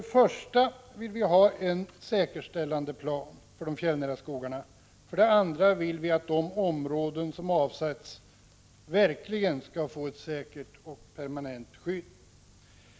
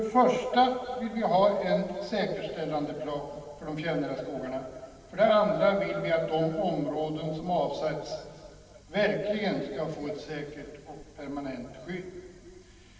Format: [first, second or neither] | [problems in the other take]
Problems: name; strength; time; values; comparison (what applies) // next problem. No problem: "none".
first | room echo; dies away in 2.3 s